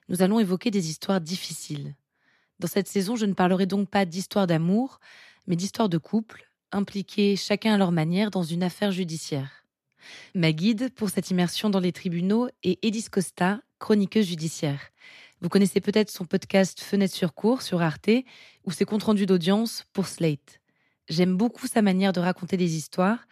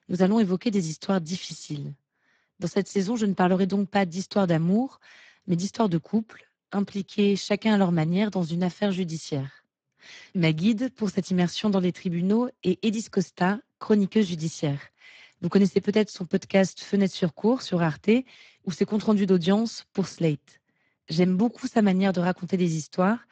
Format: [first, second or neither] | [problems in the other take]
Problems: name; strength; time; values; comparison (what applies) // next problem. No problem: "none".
first | garbled, watery; badly; nothing above 7.5 kHz